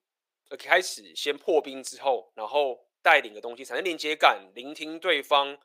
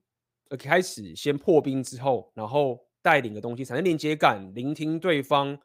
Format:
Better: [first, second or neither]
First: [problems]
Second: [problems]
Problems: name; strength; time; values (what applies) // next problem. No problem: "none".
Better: second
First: thin; very; fading below 450 Hz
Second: none